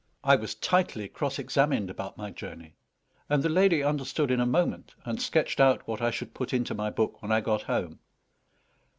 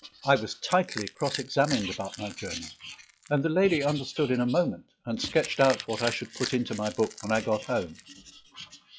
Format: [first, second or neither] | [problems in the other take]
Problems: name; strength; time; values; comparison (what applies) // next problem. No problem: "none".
first | noise reduction (classical method log-MMSE)